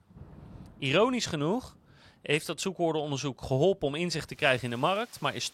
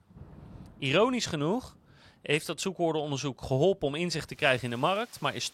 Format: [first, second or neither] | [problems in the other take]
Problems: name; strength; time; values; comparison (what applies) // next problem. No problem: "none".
neither | rain or running water; faint; throughout; 25 dB below the speech; the same in both